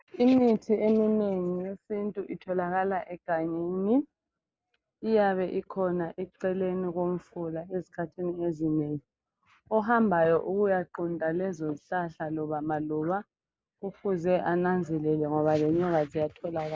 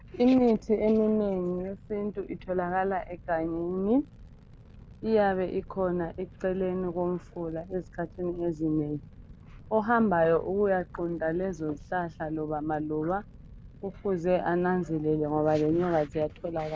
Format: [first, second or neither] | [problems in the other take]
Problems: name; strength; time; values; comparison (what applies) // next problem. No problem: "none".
first | background sound (Fire); 19 dB below the speech